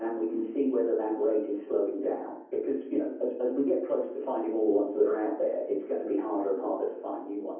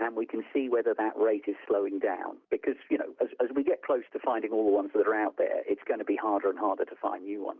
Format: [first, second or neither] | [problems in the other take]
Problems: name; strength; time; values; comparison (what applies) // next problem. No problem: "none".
second | room echo; dies away in 0.7 s